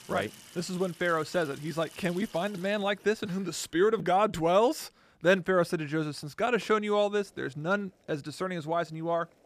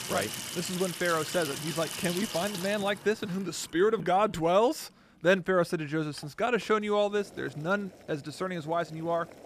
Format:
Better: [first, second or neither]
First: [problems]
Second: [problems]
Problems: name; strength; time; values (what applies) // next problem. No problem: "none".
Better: first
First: household noises; faint; throughout; 20 dB below the speech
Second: household noises; loud; throughout; 7 dB below the speech